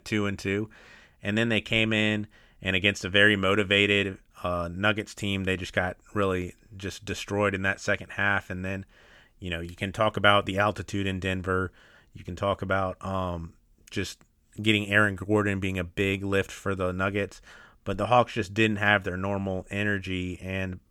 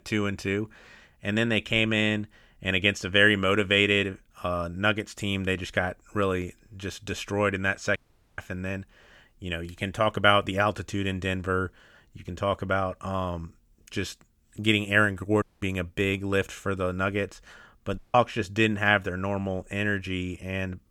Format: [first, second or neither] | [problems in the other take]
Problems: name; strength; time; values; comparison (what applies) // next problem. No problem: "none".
first | audio cutting out; at 8 s, at 15 s and at 18 s